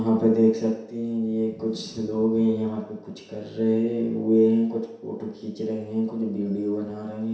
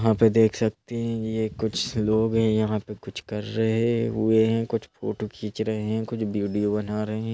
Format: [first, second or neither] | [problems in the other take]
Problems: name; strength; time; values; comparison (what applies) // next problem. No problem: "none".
second | room echo; dies away in 0.7 s